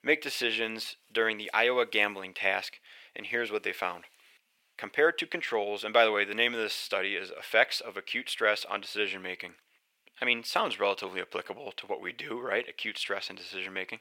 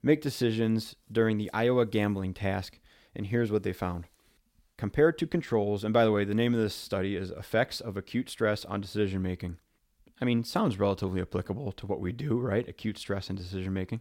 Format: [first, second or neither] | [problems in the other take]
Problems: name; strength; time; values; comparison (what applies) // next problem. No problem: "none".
second | thin; very; fading below 600 Hz